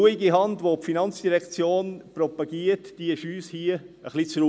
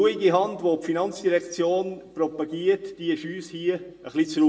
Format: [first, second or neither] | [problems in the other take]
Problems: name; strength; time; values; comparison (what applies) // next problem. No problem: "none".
first | room echo; dies away in 0.6 s